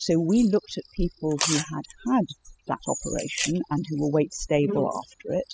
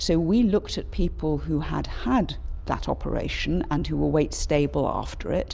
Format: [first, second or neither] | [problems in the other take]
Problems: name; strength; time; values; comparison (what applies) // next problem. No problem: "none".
second | noise reduction (classical method spectral subtraction)